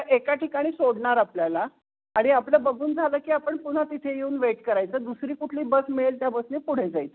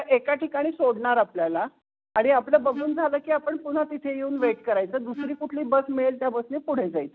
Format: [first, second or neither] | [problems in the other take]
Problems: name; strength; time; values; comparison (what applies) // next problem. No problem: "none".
first | background sound (Wind instrument, woodwind instrument); 12 dB below the speech